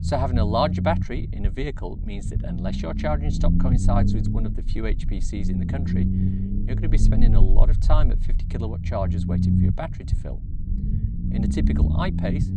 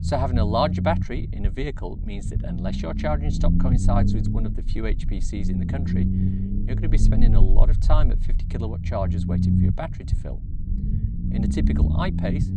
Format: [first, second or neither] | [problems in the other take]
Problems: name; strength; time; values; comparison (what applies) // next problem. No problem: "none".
neither | low rumble; loud; throughout; 6 dB below the speech; the same in both